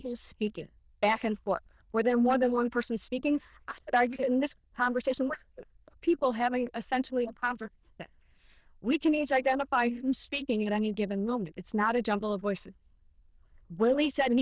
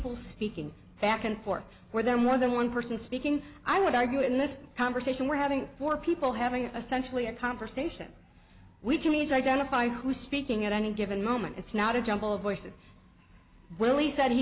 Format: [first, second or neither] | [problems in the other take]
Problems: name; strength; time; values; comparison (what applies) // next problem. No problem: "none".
second | noise reduction (neural diffusion model UNIVERSE++)